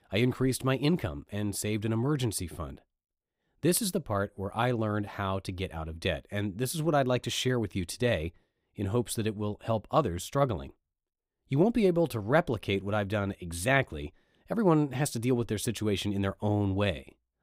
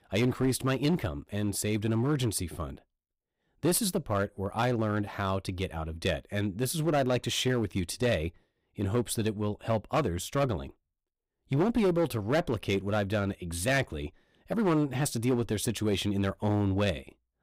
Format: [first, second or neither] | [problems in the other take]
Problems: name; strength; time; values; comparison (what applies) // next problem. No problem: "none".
first | distortion; slight; 6% of the sound clipped